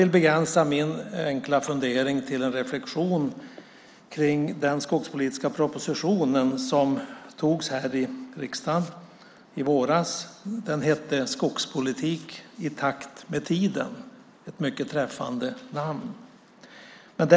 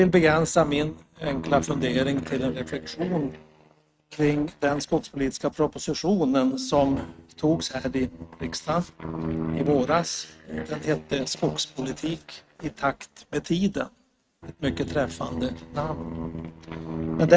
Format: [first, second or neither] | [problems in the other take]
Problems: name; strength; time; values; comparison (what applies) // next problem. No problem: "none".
first | noise reduction (neural mask model RNNoise)